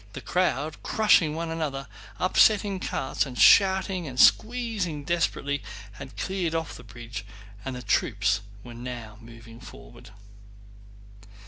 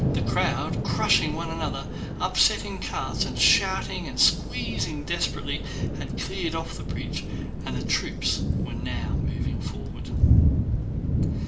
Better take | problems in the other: first | background sound (Thunder / Rain); 2 dB above the speech // room echo; dies away in 0.5 s

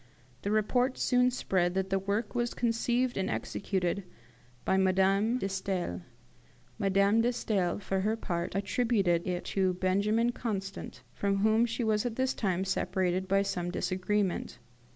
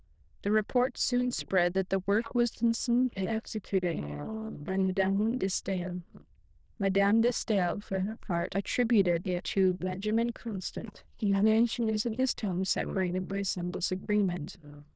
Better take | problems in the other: first | noise reduction (neural diffusion model UNIVERSE++)

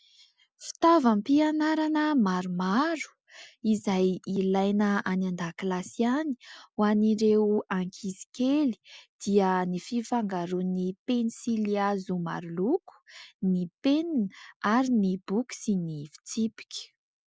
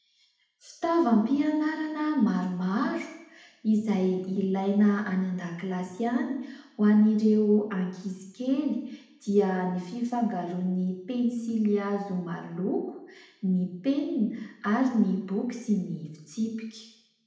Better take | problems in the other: first | room echo; dies away in 0.8 s

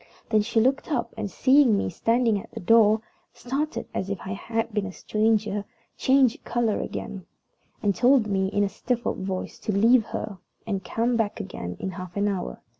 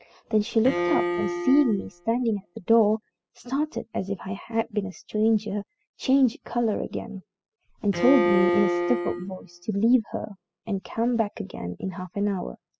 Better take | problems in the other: first | noise reduction (classical method spectral subtraction)

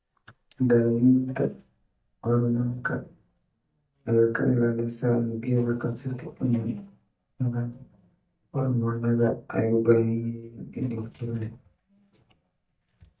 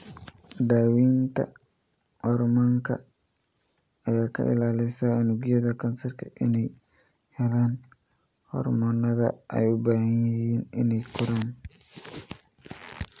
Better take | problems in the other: second | noise reduction (neural mask model DeepFilterNet 3)

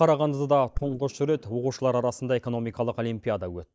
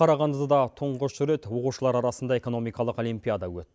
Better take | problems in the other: second | noise reduction (neural mask model DeepFilterNet 3)

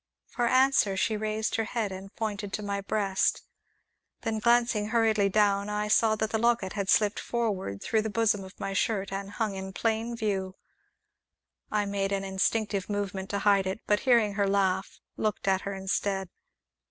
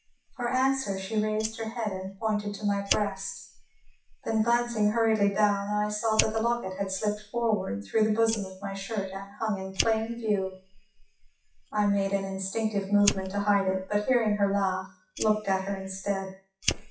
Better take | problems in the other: first | noise reduction (classical method WPE with log-MMSE)

